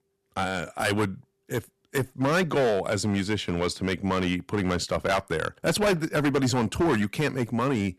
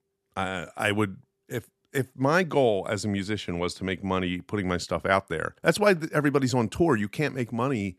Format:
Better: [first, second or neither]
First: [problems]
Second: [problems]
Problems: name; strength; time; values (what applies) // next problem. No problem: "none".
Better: second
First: distortion; heavy; 10% of the sound clipped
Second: none